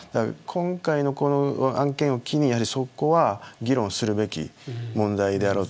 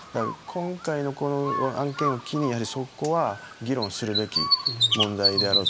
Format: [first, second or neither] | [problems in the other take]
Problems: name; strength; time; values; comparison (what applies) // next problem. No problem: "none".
first | background sound (Bird); as loud as the speech